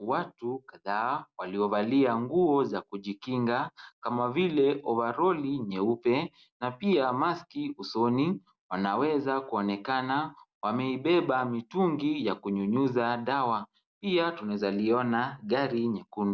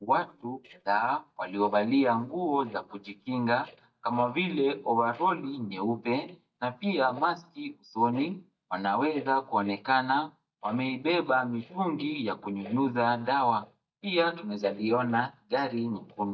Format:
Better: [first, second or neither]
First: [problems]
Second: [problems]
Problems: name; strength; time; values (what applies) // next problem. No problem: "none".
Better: first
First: none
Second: noise reduction (neural mask model DeepFilterNet 3)